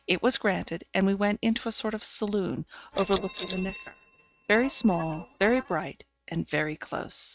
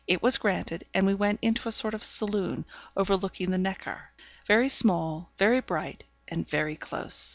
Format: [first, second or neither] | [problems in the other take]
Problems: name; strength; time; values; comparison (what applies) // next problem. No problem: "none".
second | noise reduction (neural mask model RNNoise)